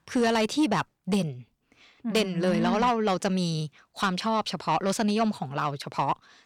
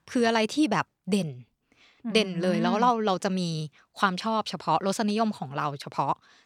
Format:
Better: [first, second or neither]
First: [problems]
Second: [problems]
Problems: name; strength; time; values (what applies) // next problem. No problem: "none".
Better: second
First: distortion; slight; 10 dB below the speech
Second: none